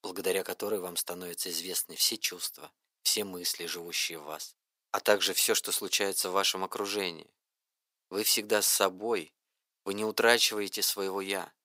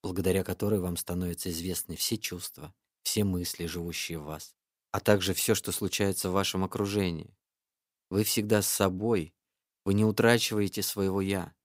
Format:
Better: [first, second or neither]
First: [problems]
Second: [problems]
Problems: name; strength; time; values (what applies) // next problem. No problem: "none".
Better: second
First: thin; somewhat; fading below 500 Hz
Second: none